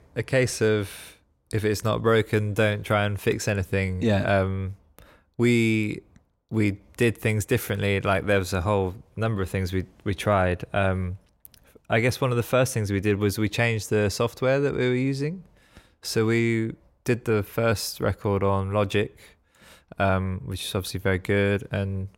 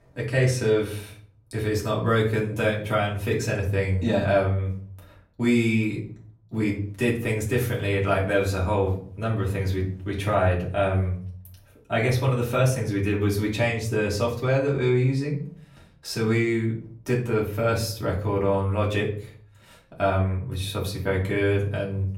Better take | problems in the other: first | off-mic speech; far // room echo; slight; dies away in 0.5 s

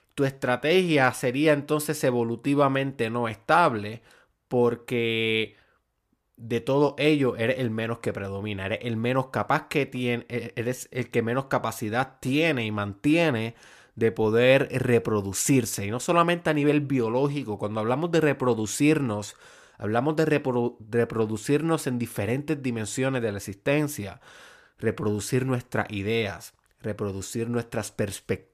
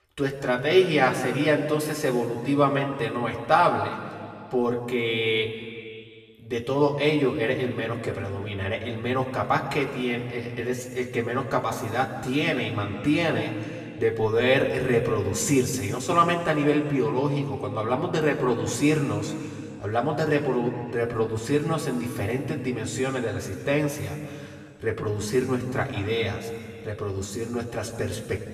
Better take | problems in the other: first | room echo; noticeable; dies away in 2.1 s // off-mic speech; somewhat distant

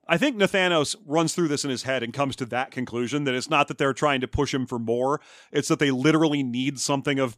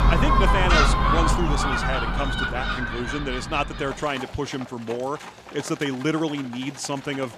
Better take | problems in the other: first | animal sounds; very loud; throughout; 5 dB above the speech

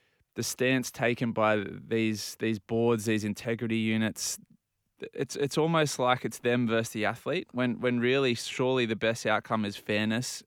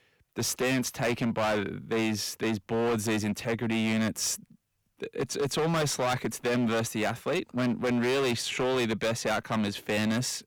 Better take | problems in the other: first | distortion; heavy; 19% of the sound clipped

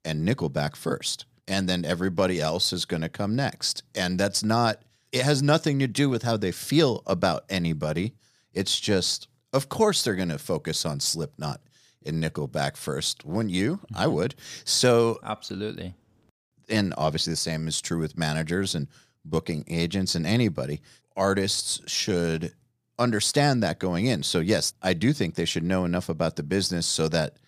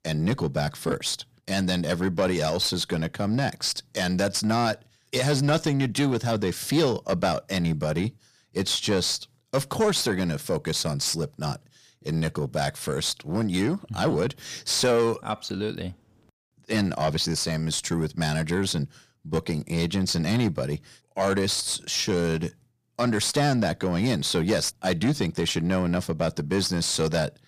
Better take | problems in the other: first | distortion; slight; 10 dB below the speech

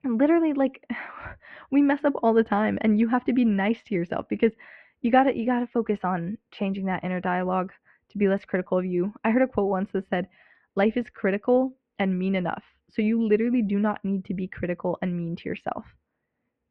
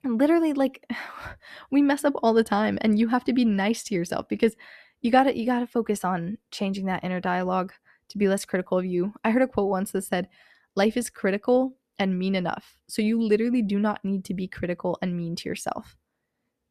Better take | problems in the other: second | muffled; very; fading above 2.5 kHz

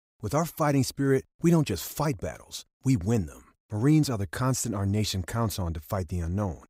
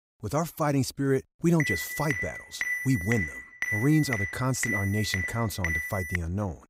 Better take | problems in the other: first | alarm; noticeable; from 1.5 to 6 s; peak 1 dB below the speech

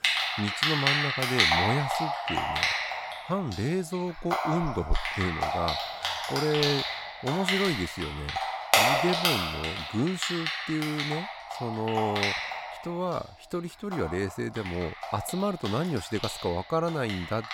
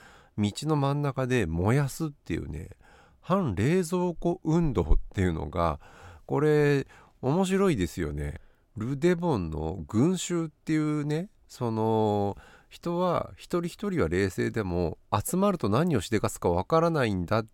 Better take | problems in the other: second | household noises; very loud; throughout; 3 dB above the speech

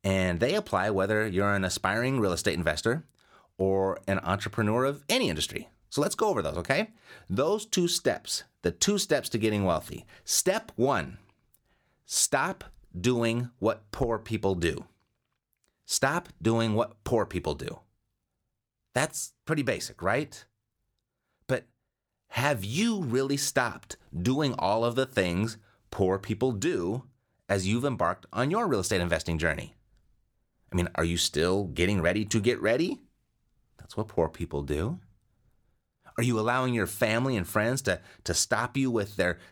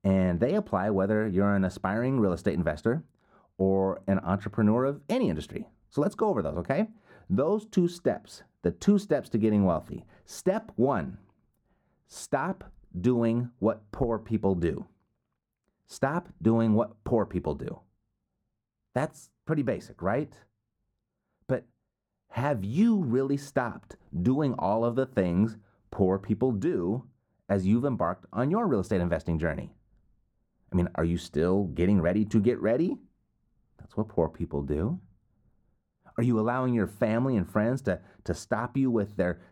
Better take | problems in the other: first | muffled; very; fading above 2 kHz

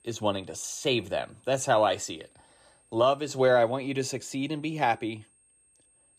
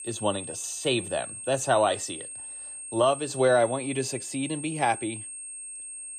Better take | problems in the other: first | high-pitched whine; loud; throughout; 8.5 kHz, 9 dB below the speech; faint in the first

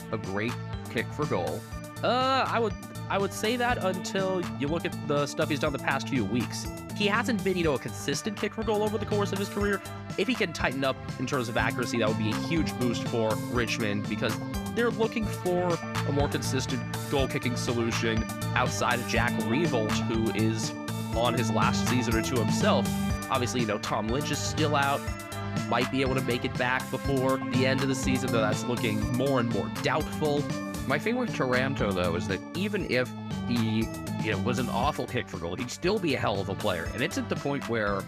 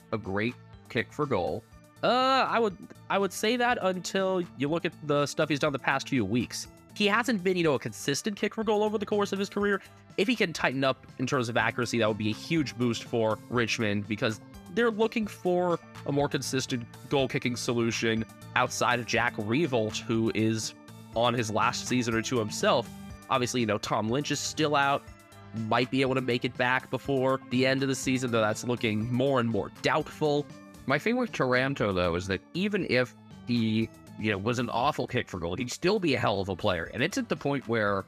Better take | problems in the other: second | background music; loud; throughout; 4 dB below the speech; faint in the second

